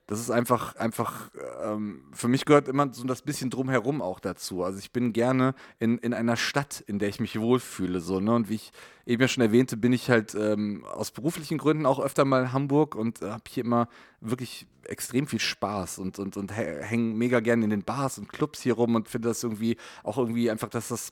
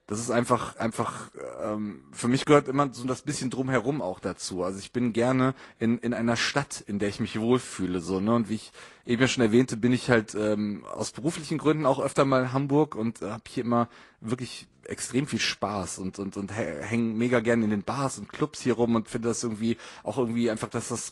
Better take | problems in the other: first | garbled, watery; slightly

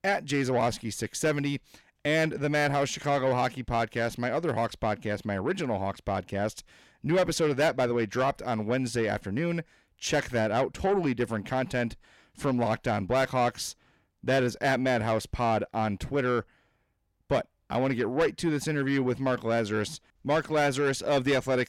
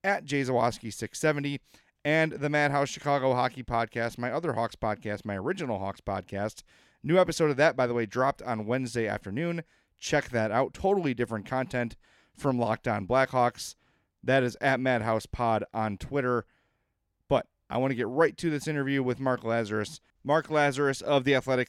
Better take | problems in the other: second | distortion; slight; 10 dB below the speech

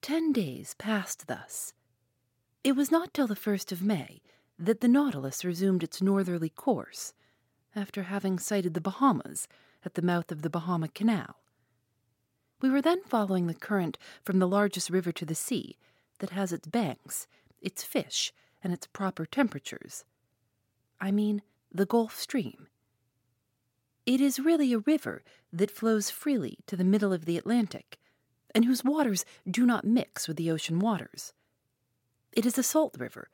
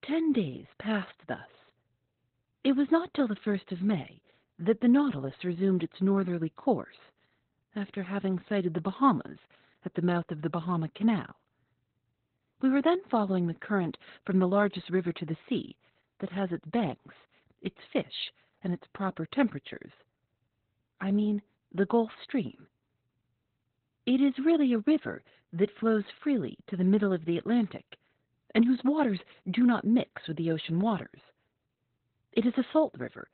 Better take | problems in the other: first | garbled, watery; badly; nothing above 4 kHz

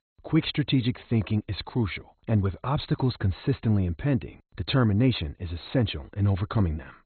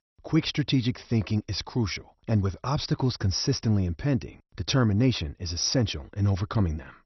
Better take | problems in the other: second | garbled, watery; badly; nothing above 4 kHz; slightly in the second

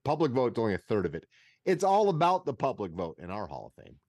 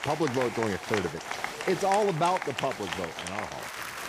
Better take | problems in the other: first | crowd noise; loud; throughout; 5 dB below the speech

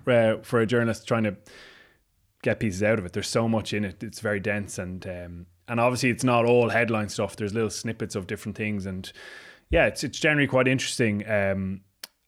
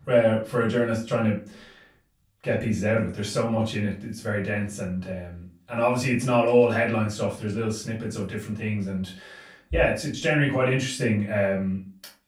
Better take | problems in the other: first | off-mic speech; far // room echo; slight; dies away in 0.3 s

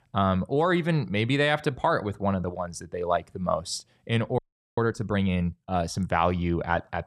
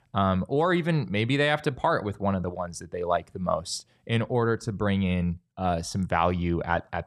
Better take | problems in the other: second | audio freezing; at 4.5 s

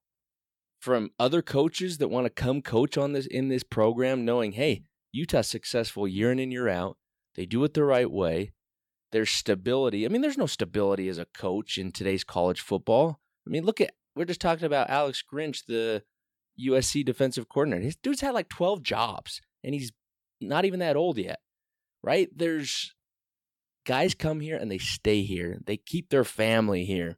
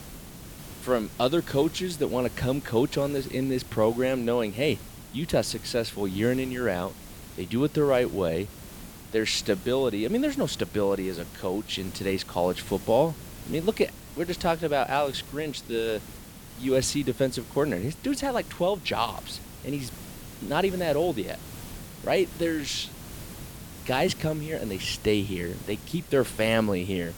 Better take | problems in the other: first | hiss; noticeable; throughout; 15 dB below the speech

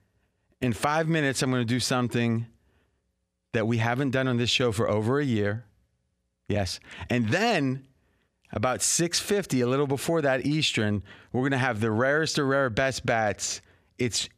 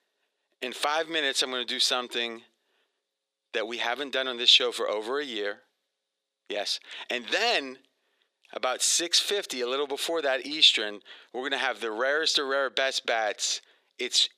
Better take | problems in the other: first | thin; very; fading below 350 Hz

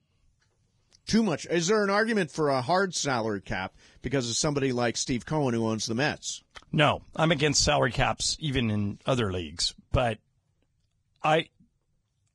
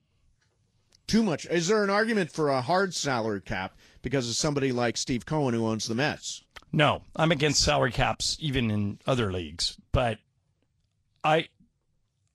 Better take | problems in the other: second | garbled, watery; badly; slightly in the second

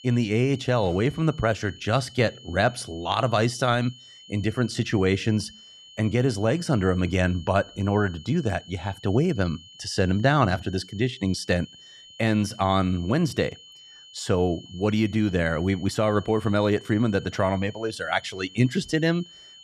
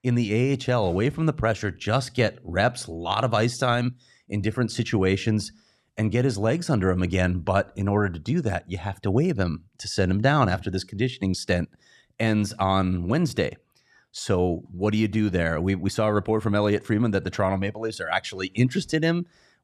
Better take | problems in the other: second | high-pitched whine; faint; throughout; 3 kHz, 20 dB below the speech

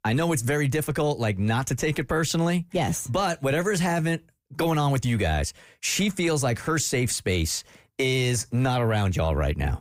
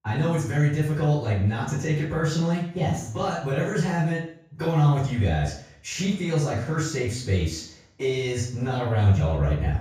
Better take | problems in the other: first | room echo; noticeable; dies away in 0.6 s // off-mic speech; far

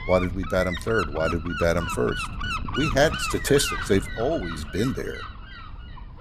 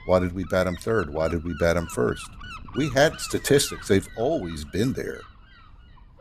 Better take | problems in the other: second | wind noise on the microphone; heavy; 5 dB below the speech; occasional gusts in the second

